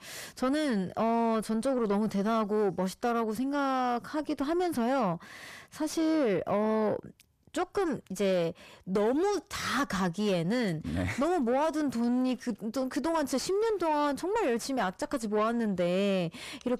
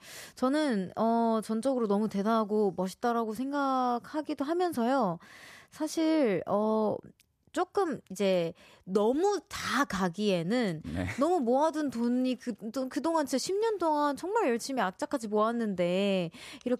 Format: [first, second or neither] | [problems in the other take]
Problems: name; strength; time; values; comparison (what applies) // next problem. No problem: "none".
second | distortion; slight; 10 dB below the speech